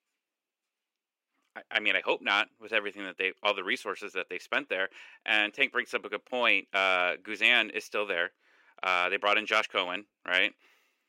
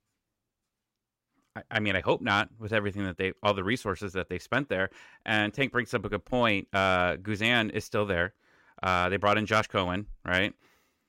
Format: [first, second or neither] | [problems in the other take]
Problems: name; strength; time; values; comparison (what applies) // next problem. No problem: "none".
second | thin; somewhat; fading below 300 Hz